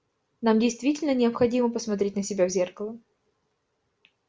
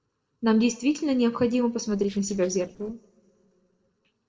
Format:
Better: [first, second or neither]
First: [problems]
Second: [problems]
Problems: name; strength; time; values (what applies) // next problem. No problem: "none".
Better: first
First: none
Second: noise reduction (neural separator model SepFormer DNS4)